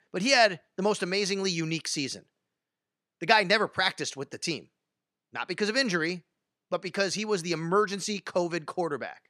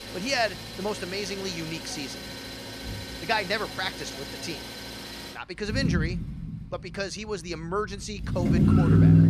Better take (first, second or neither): first